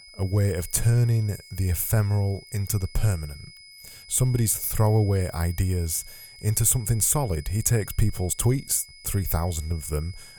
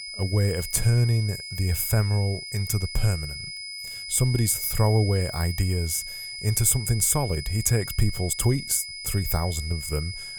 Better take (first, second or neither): first